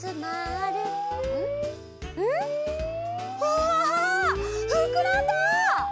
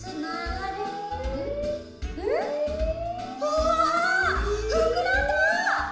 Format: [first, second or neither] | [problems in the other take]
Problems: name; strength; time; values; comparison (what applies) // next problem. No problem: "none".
first | room echo; dies away in 0.8 s